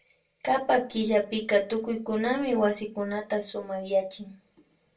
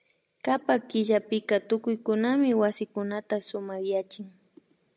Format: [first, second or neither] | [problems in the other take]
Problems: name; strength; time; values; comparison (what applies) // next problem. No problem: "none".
second | room echo; dies away in 0.2 s